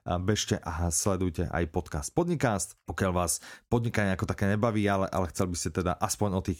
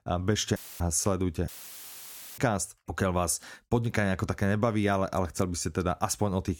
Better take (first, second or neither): first